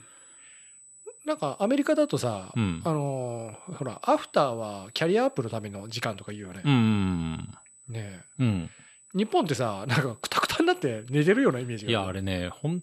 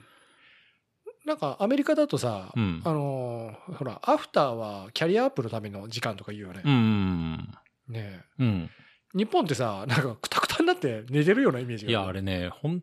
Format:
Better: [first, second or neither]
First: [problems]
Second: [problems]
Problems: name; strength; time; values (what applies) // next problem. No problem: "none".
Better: second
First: high-pitched whine; faint; throughout; 8 kHz, 25 dB below the speech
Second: none